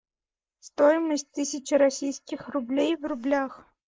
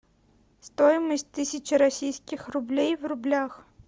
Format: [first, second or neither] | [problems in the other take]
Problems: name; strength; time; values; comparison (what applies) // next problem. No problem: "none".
second | noise reduction (neural mask model Resemble Enhance denoiser)